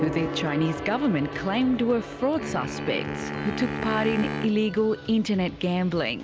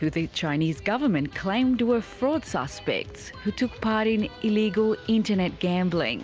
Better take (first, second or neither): second